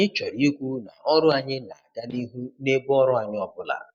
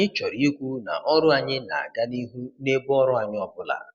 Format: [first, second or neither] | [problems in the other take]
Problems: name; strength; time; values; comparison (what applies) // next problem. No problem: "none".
second | noise reduction (neural mask model DeepFilterNet 3)